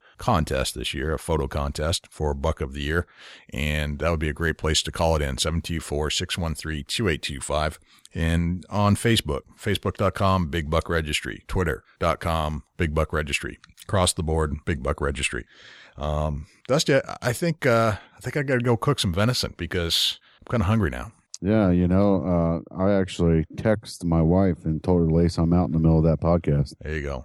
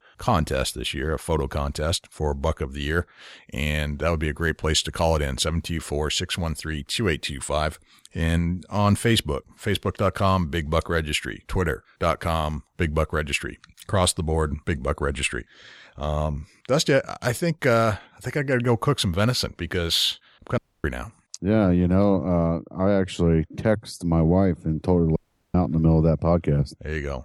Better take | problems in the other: first | audio cutting out; at 21 s and at 25 s

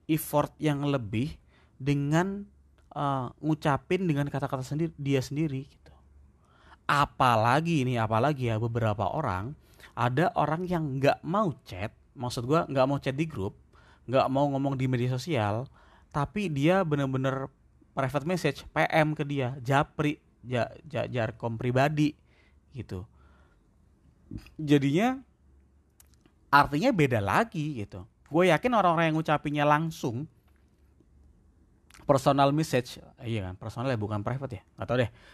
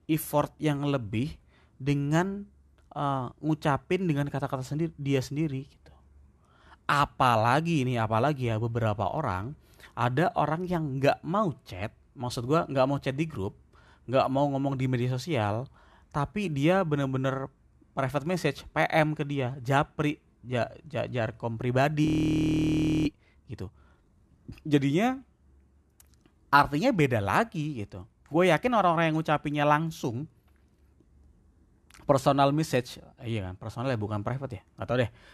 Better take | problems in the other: first | audio freezing; at 22 s for 1 s

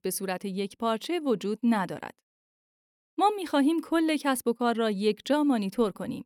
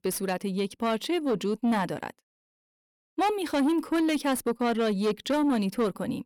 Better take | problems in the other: first | distortion; slight; 10 dB below the speech

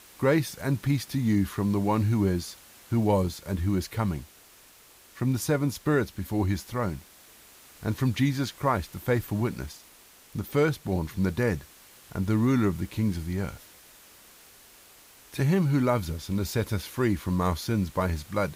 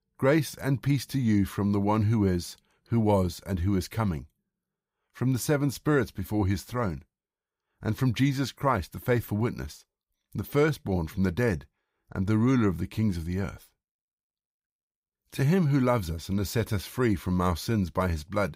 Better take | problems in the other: second | hiss; faint; throughout; 25 dB below the speech

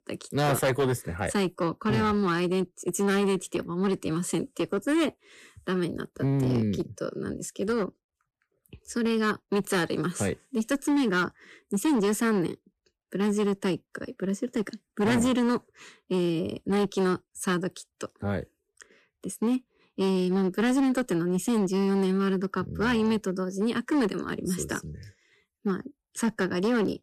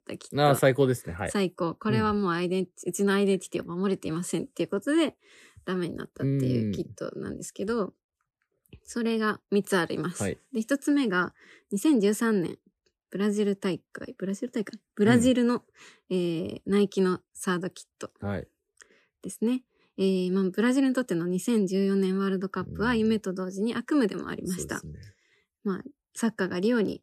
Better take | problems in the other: second | distortion; slight; 10% of the sound clipped

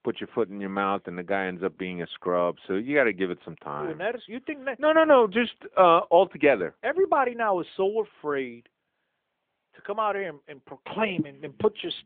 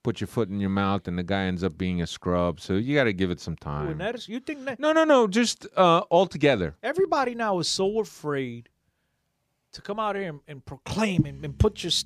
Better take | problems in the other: second | phone-call audio

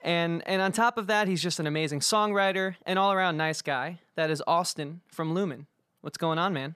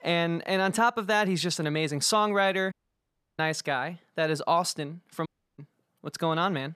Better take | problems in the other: first | audio cutting out; at 2.5 s for 0.5 s and at 5.5 s

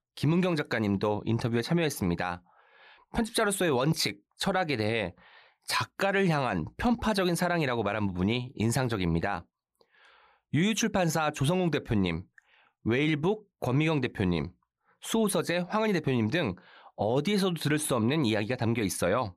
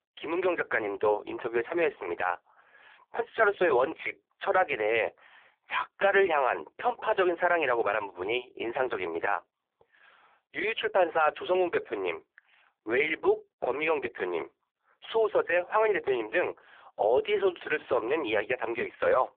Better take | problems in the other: first | phone-call audio; poor line

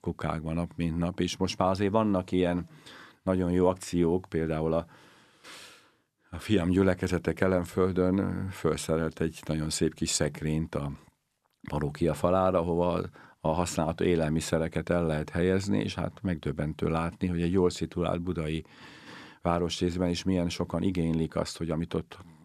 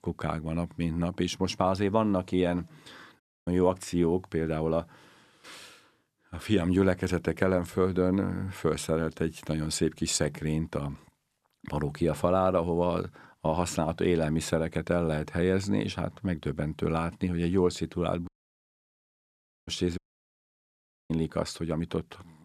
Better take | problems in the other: first | audio cutting out; at 3 s, at 18 s for 1.5 s and at 20 s for 1 s

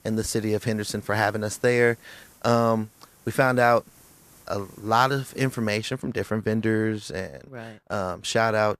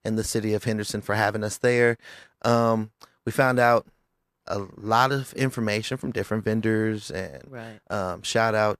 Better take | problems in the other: second | hiss; faint; until 5.5 s; 30 dB below the speech

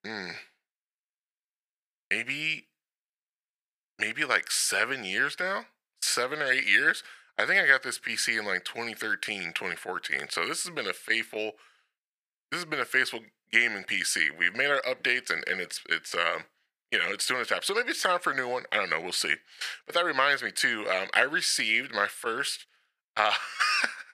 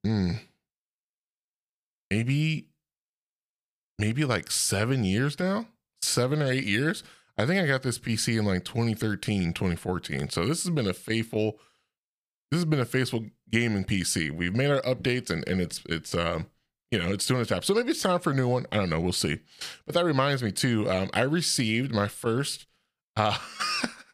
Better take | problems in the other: second | thin; very; fading below 500 Hz

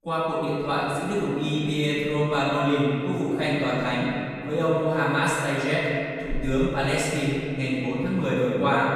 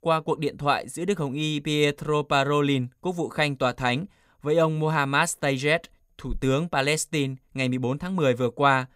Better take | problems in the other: second | off-mic speech; far // room echo; strong; dies away in 2.7 s

